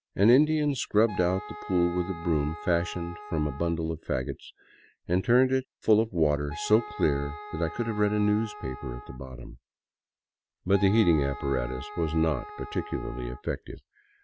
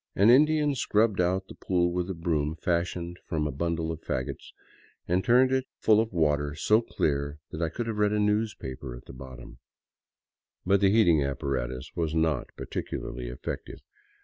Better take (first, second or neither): second